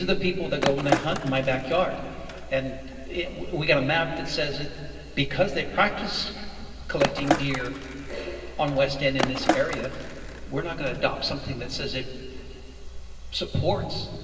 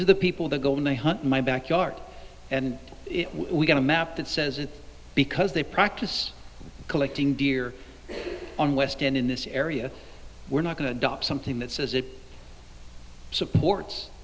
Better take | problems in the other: second | background sound (Skateboard); 4 dB below the speech // room echo; dies away in 2.7 s

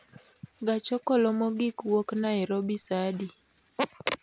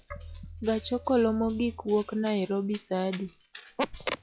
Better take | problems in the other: first | noise reduction (classical method log-MMSE)

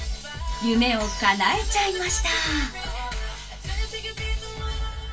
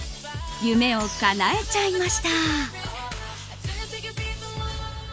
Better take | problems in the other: second | room echo; dies away in 0.2 s

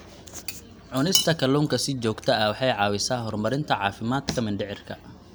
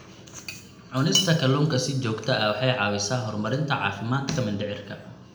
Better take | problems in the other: first | room echo; dies away in 0.7 s

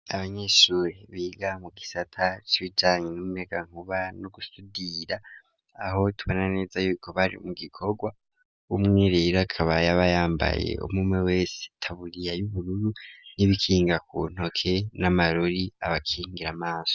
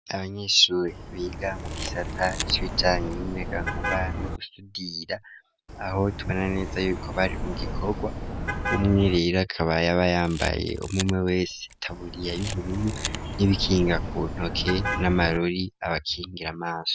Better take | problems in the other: first | background sound (Camera + Car passing by); 5 dB below the speech

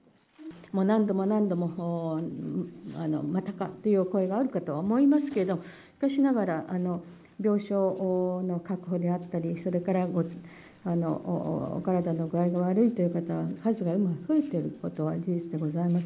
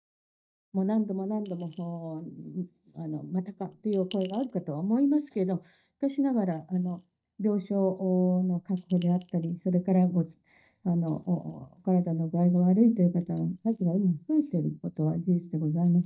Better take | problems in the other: first | noise reduction (neural mask model DeepFilterNet 3)

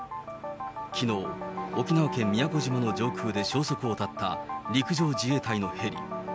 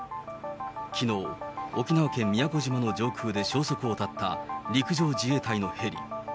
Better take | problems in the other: second | background sound (Bowed string instrument); 12 dB below the speech

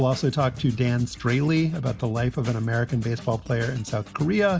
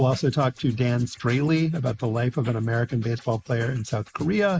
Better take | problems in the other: first | noise reduction (neural mask model Resemble Enhance denoiser)

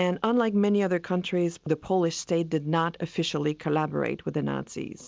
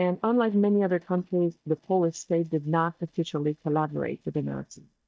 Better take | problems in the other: first | noise reduction (neural mask model DeepFilterNet 3)

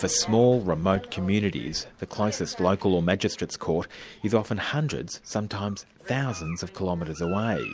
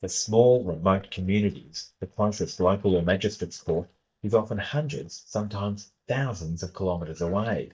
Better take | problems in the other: first | noise reduction (neural mask model DeepFilterNet 3)

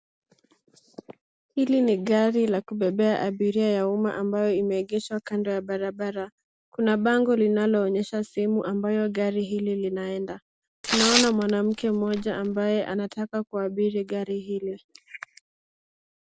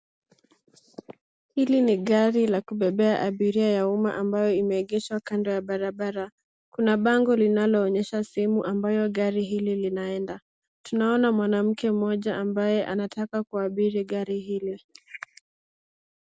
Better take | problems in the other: second | background sound (Tearing); 3 dB below the speech

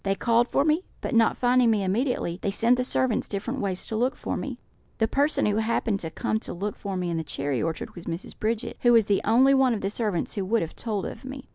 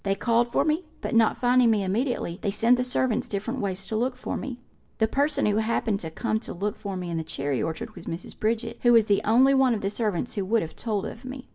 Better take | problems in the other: first | room echo; dies away in 0.2 s

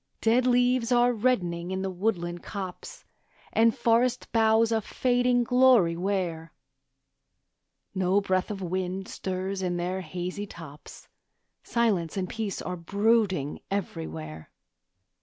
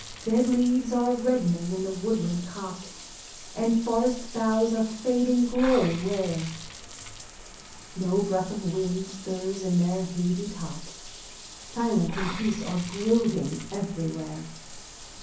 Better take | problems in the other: first | background sound (Bathtub (filling or washing) / Water); 13 dB below the speech // room echo; dies away in 0.6 s

